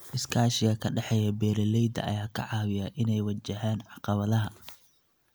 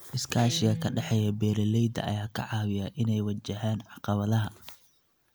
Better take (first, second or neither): first